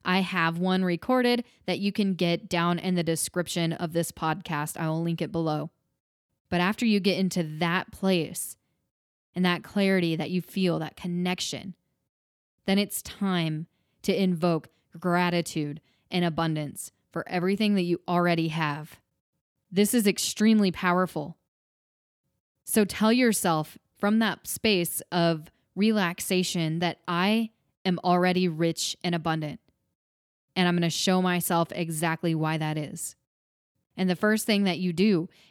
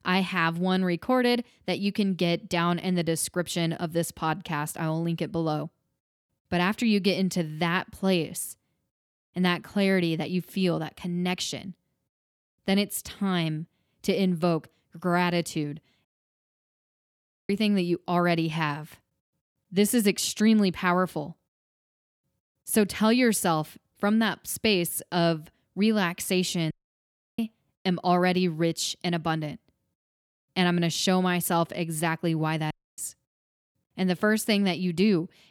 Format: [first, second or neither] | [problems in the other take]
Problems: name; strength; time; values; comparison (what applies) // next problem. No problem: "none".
first | audio cutting out; at 16 s for 1.5 s, at 27 s for 0.5 s and at 33 s